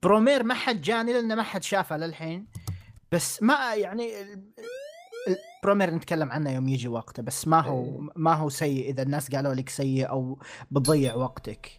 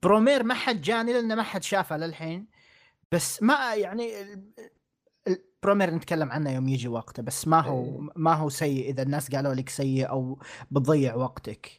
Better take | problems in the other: second | keyboard typing; faint; at 2.5 s; peak 10 dB below the speech // siren; faint; at 4.5 s; peak 15 dB below the speech // doorbell; noticeable; at 11 s; peak 6 dB below the speech

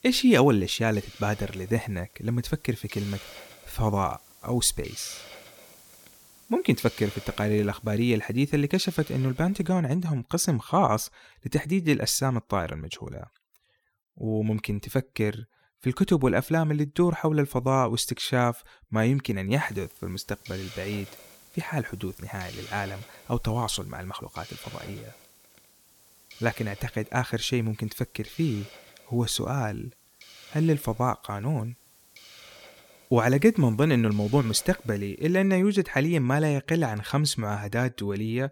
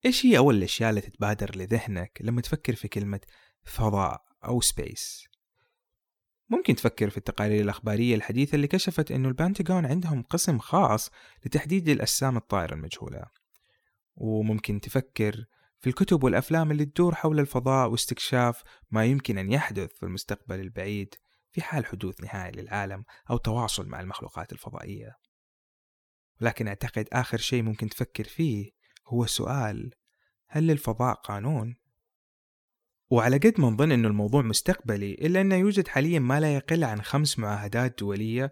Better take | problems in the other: second | hiss; faint; until 9.5 s and from 20 to 35 s; 20 dB below the speech

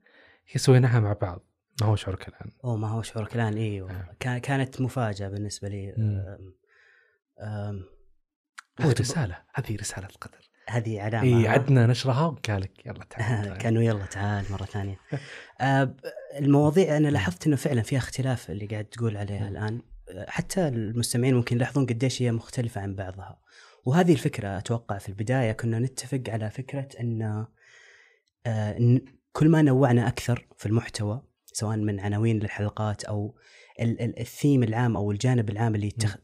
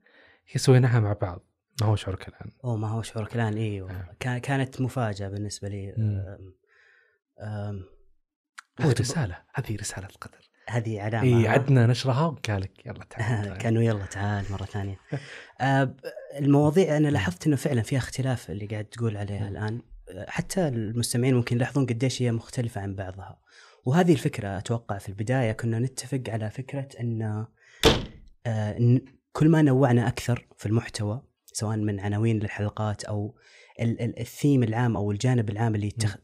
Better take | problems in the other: first | door banging; loud; at 28 s; peak 5 dB above the speech

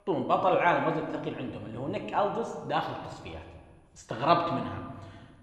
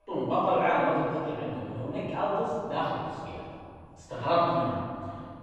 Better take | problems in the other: first | room echo; strong; dies away in 2.4 s; slight in the first // off-mic speech; far

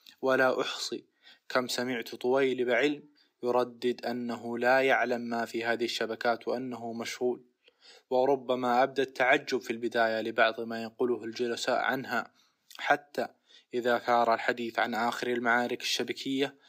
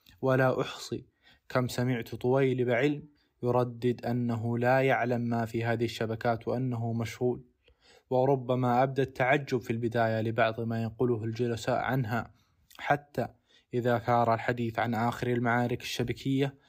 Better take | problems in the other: second | thin; very slightly; fading below 250 Hz

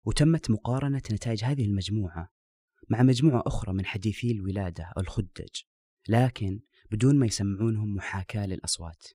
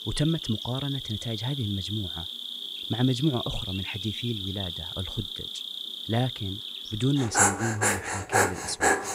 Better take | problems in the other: first | animal sounds; very loud; throughout; 1 dB above the speech

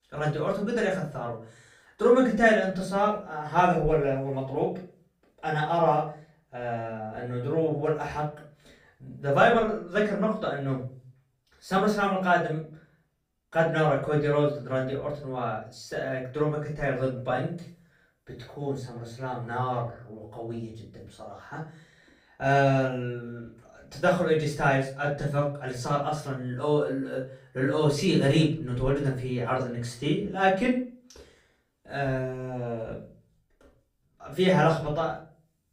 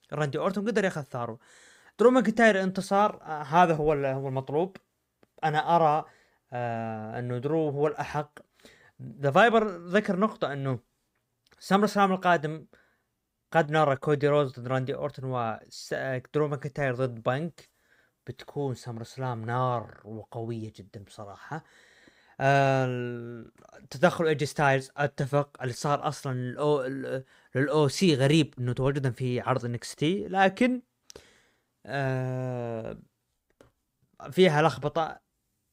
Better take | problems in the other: second | off-mic speech; far // room echo; slight; dies away in 0.4 s

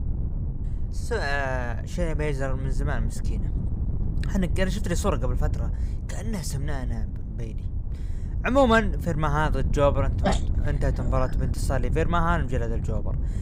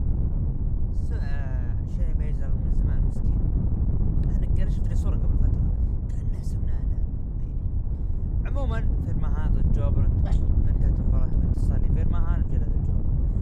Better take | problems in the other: first | wind noise on the microphone; heavy; 4 dB above the speech; occasional gusts in the first

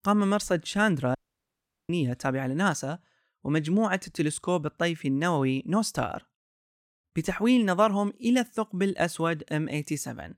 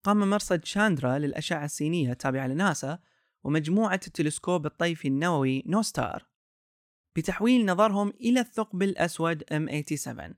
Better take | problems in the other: second | audio cutting out; at 1 s for 0.5 s

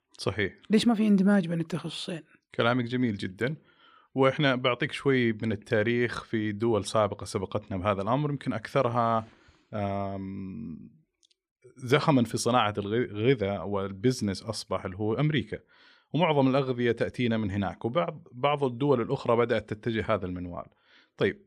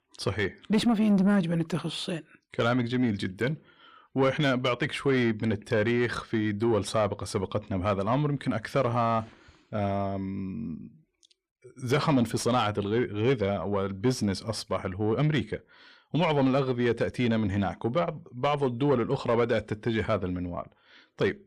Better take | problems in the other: first | distortion; slight; 10 dB below the speech

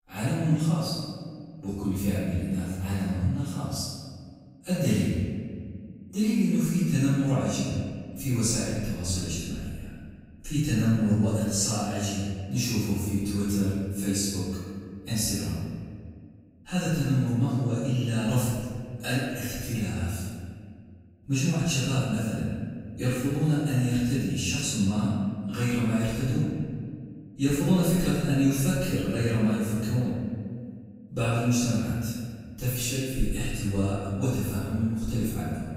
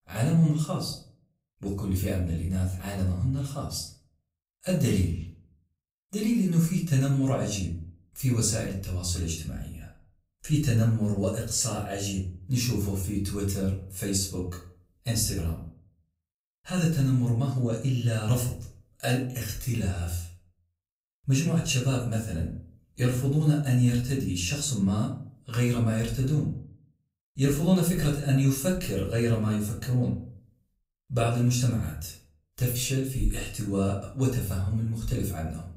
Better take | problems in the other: second | room echo; strong; dies away in 1.8 s; slight in the second // off-mic speech; far; far in the second

